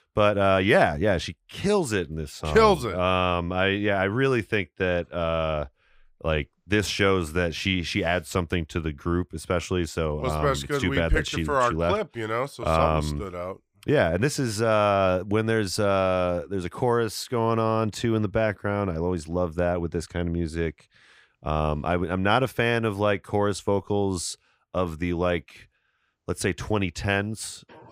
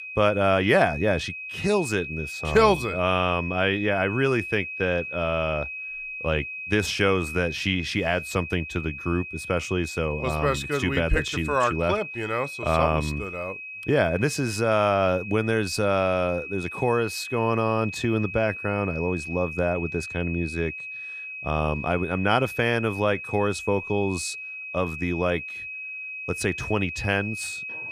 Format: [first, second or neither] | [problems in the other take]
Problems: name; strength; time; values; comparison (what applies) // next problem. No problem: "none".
first | high-pitched whine; loud; throughout; 2.5 kHz, 8 dB below the speech